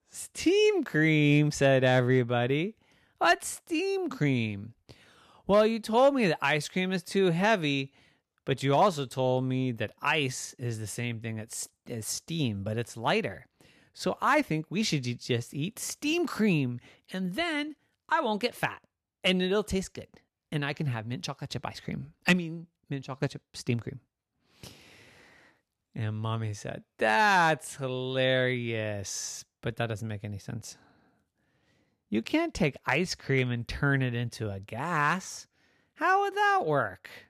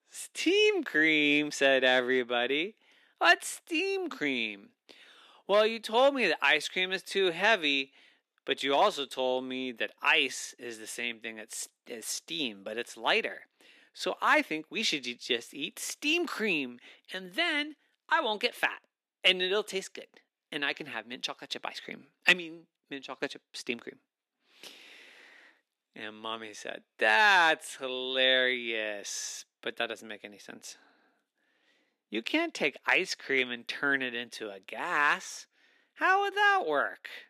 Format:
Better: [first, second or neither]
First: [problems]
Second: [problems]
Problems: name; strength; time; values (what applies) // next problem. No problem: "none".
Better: first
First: none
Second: thin; somewhat; fading below 250 Hz